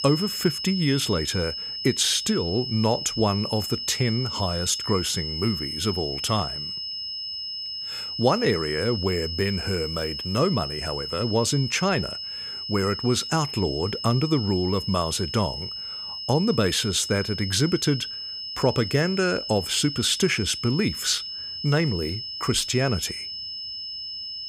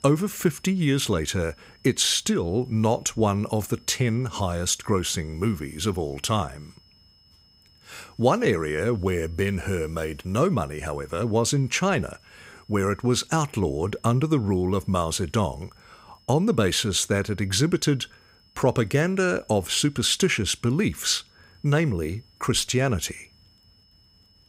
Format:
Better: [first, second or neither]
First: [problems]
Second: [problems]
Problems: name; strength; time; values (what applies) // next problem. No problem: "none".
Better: second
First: high-pitched whine; loud; throughout; 5 kHz, 5 dB below the speech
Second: high-pitched whine; faint; throughout; 5 kHz, 30 dB below the speech